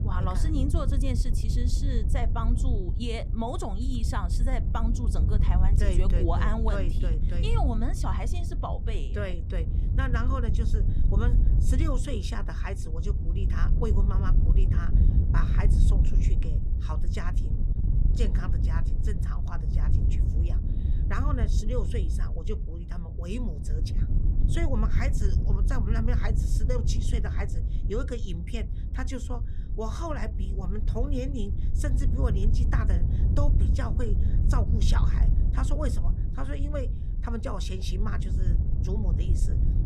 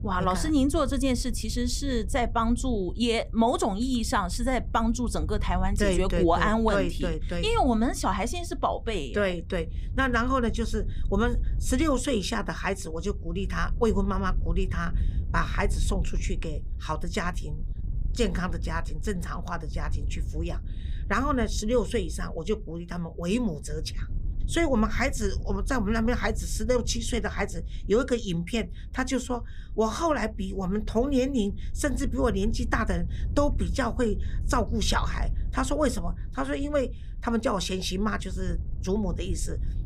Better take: second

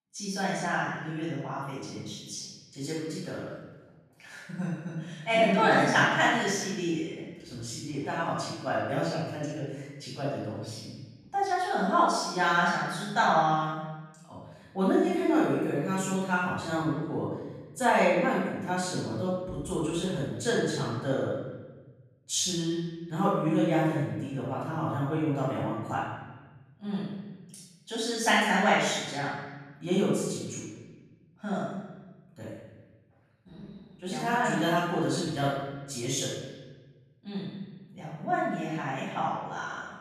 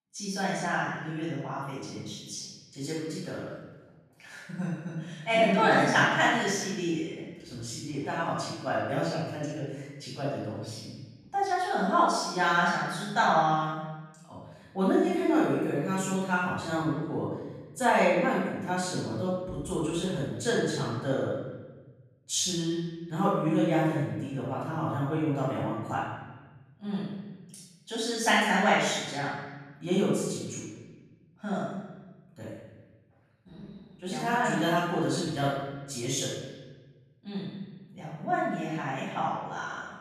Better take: neither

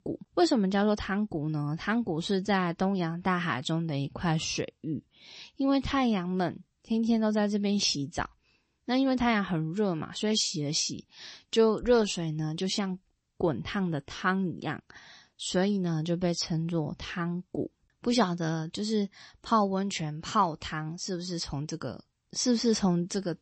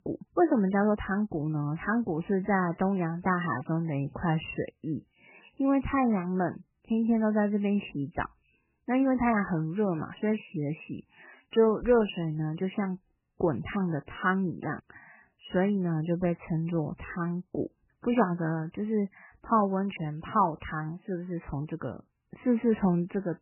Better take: first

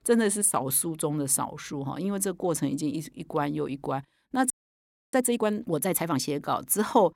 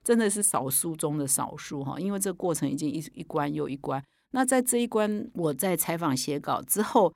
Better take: second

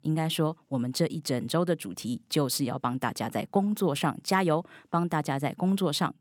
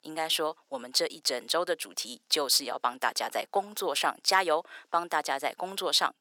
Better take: first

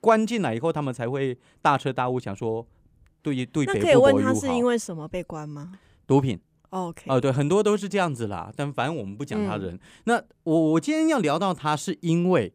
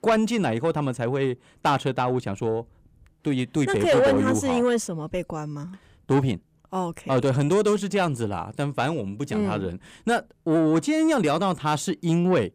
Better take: first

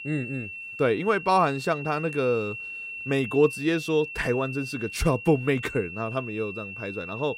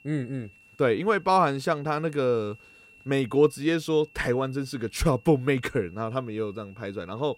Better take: second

